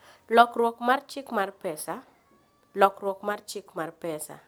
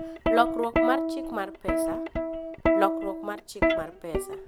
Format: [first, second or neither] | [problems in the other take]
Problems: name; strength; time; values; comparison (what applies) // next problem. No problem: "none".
first | background sound (Plucked string instrument); 4 dB above the speech